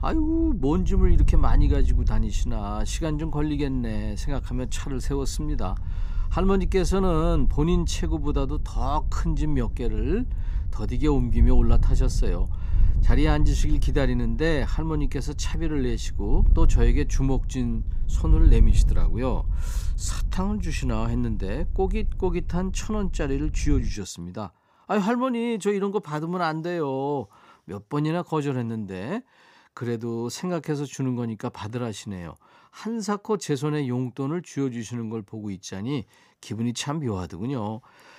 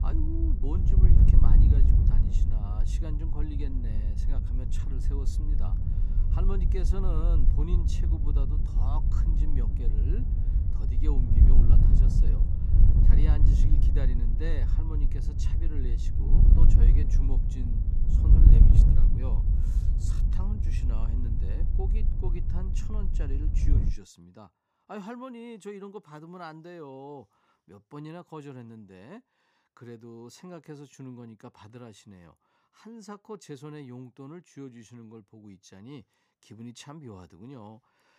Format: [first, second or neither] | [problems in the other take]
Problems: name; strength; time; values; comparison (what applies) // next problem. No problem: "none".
first | wind noise on the microphone; heavy; until 24 s; 2 dB above the speech; occasional gusts in the first